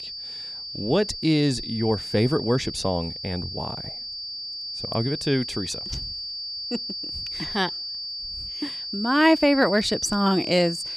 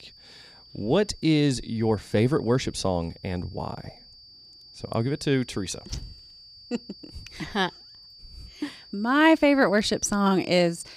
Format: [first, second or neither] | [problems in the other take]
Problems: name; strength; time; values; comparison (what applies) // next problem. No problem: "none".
second | high-pitched whine; loud; throughout; 4.5 kHz, 6 dB below the speech; faint in the second